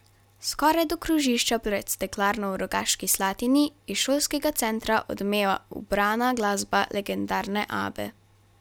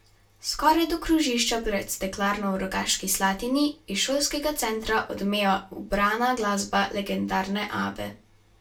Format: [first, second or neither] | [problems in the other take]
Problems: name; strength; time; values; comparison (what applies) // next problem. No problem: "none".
first | room echo; dies away in 0.2 s